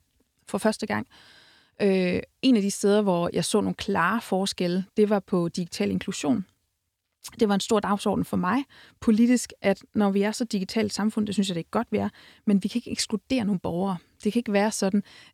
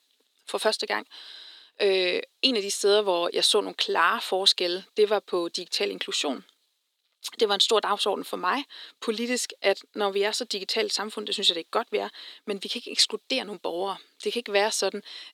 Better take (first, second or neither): first